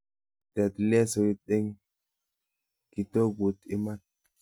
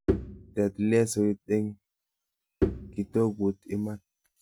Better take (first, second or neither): first